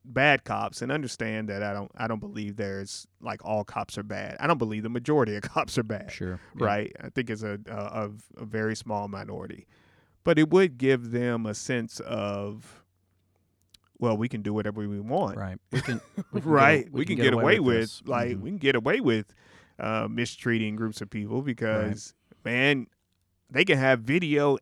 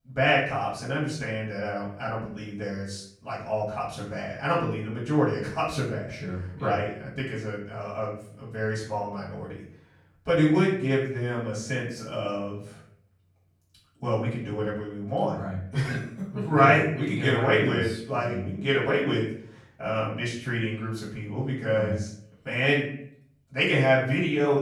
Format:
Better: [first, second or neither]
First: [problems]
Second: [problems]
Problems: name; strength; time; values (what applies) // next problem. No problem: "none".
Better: first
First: none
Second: off-mic speech; far // room echo; noticeable; dies away in 0.5 s